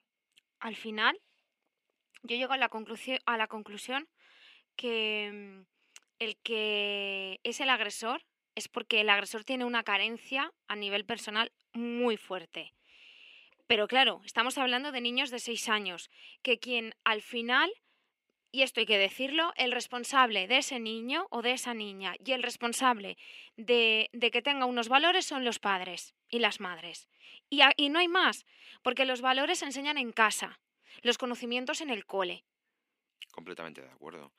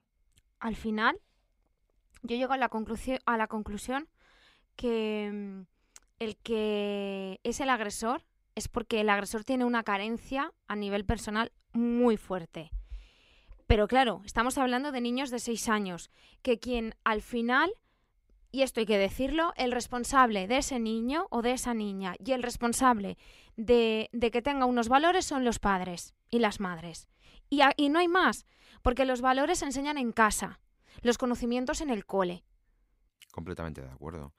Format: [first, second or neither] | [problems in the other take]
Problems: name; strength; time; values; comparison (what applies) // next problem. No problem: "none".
second | thin; very slightly; fading below 250 Hz